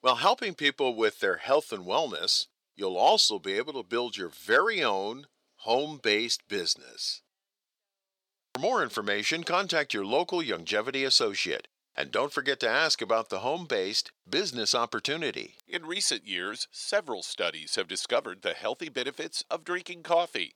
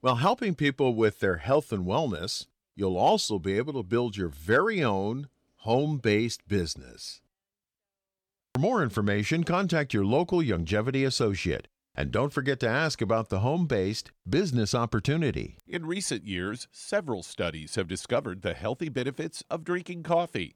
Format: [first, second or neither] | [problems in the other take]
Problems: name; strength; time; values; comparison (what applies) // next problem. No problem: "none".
second | thin; somewhat; fading below 450 Hz